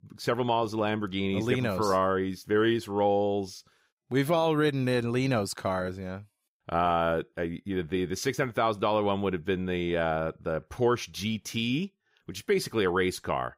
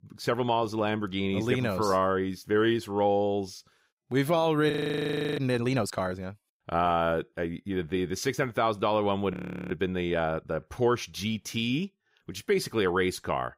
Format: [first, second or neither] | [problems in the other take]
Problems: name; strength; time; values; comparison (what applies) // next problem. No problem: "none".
first | audio freezing; at 4.5 s for 0.5 s and at 9.5 s